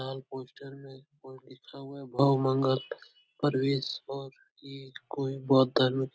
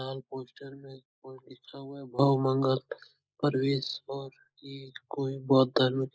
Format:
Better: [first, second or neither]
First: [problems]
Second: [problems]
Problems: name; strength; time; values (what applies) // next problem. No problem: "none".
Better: first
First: none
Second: noise reduction (neural mask model Resemble Enhance denoiser)